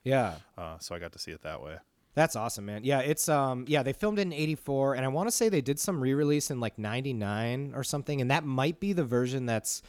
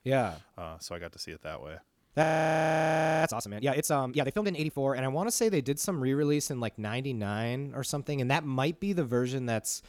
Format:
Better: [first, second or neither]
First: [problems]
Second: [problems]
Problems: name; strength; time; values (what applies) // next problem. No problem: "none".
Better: first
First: none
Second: audio freezing; at 2 s for 1 s